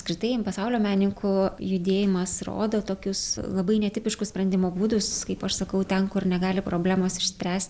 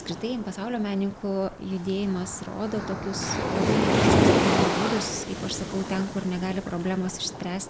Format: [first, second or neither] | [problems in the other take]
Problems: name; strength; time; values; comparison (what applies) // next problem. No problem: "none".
first | background sound (Waves, surf); 2 dB above the speech